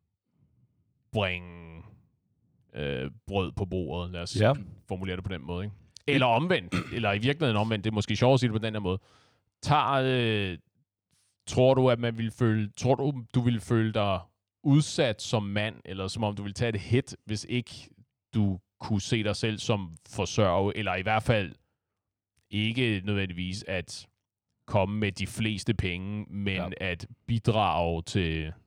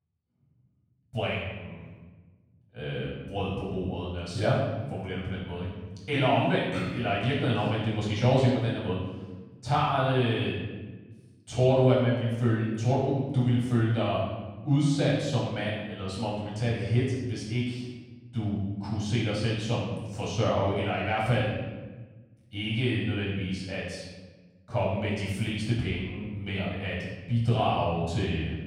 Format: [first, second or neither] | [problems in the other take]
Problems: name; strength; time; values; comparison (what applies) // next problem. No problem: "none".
first | off-mic speech; far // room echo; noticeable; dies away in 1.1 s